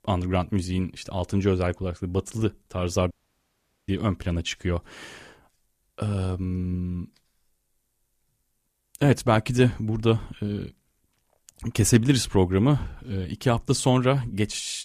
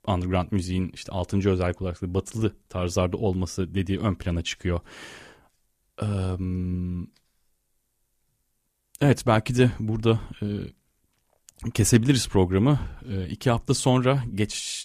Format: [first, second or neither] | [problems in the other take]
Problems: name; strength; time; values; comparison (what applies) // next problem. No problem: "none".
second | audio cutting out; at 3 s for 1 s